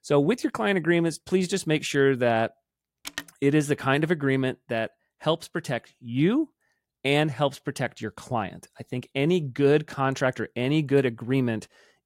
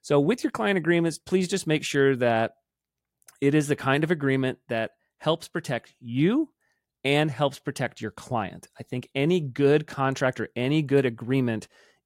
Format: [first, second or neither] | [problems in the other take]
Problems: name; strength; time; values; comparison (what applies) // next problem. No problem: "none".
second | phone ringing; faint; at 3 s; peak 10 dB below the speech